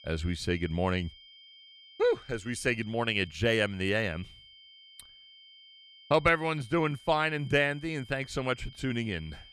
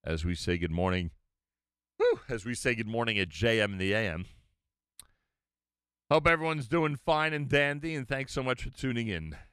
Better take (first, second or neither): second